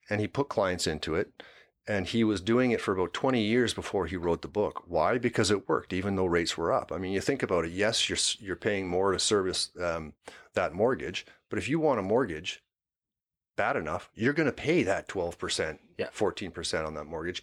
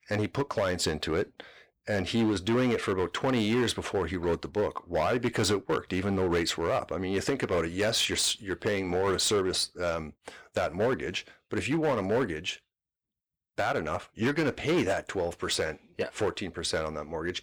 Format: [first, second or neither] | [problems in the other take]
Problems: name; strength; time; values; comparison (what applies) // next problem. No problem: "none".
first | distortion; slight; 7% of the sound clipped